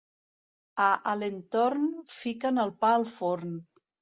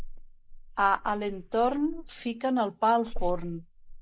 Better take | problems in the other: first | noise reduction (neural mask model Resemble Enhance denoiser)

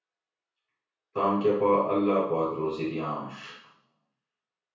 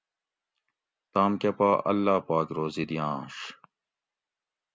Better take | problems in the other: second | room echo; dies away in 0.6 s

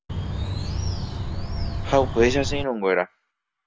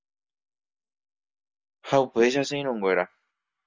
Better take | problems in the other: second | background sound (Bird); 1 dB below the speech

